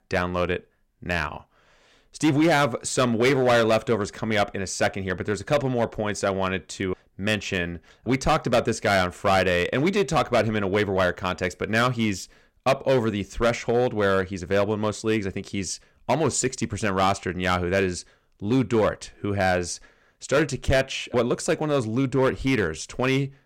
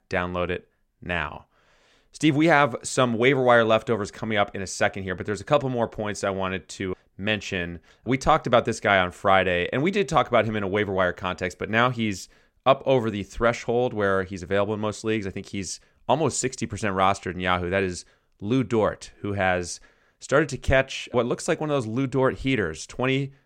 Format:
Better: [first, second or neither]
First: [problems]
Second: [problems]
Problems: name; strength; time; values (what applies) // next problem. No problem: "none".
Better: second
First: distortion; slight; 5% of the sound clipped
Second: none